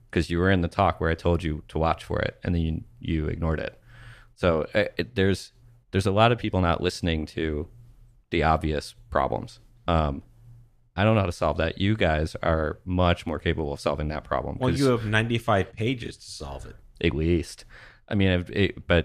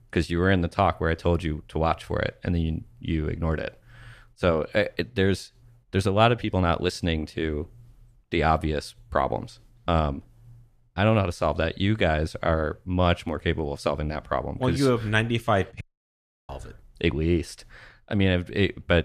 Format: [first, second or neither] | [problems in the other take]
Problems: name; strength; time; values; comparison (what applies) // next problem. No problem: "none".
first | audio cutting out; at 16 s for 0.5 s